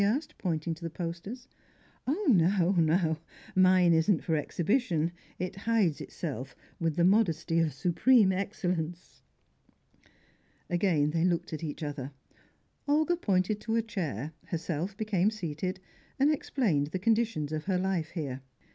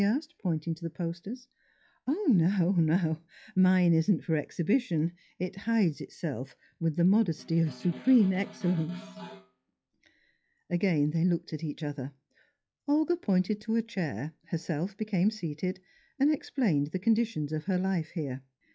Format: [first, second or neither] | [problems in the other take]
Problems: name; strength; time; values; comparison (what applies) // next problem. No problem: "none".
first | noise reduction (classical method log-MMSE)